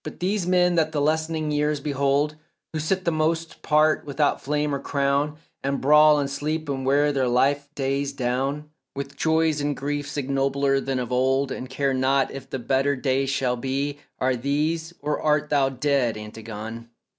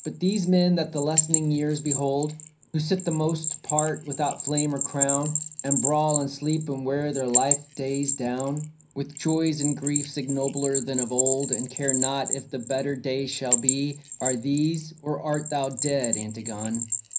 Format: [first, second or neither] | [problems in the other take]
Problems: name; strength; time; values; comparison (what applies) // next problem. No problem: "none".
first | background sound (Bell); 3 dB below the speech // room echo; dies away in 0.5 s